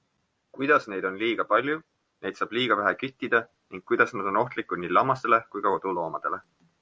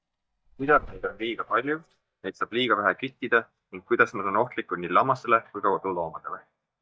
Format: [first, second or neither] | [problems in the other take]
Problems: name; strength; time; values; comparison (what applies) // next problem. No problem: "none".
first | noise reduction (neural mask model DeepFilterNet 3)